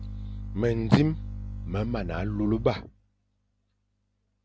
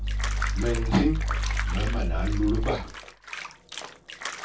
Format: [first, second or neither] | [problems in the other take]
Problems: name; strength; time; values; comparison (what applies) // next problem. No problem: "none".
first | background sound (Bathtub (filling or washing)); 11 dB below the speech // room echo; dies away in 0.2 s